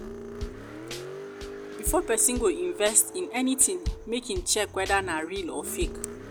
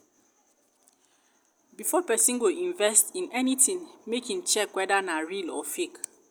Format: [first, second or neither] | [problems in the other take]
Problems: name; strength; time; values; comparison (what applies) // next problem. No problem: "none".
second | background sound (Drum / Drum kit + Car); 9 dB below the speech